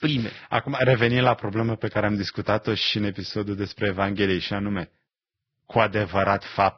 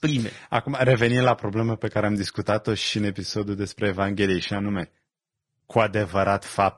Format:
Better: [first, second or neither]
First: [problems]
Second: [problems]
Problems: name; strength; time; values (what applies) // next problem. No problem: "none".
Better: second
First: garbled, watery; badly; nothing above 5.5 kHz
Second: garbled, watery; slightly; nothing above 10.5 kHz